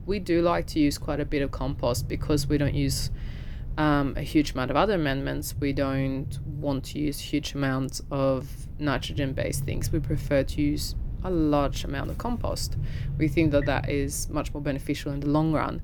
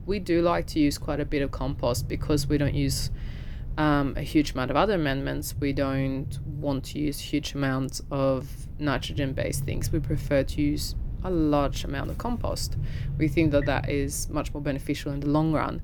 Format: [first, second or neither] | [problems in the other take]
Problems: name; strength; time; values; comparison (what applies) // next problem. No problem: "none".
neither | low rumble; noticeable; throughout; 20 dB below the speech; the same in both